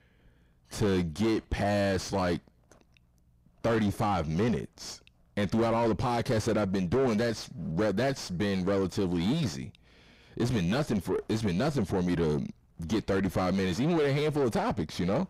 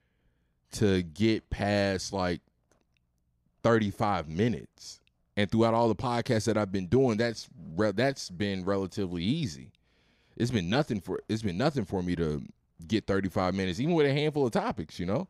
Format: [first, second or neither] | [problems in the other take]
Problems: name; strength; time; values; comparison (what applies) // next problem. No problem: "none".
second | distortion; heavy; 5 dB below the speech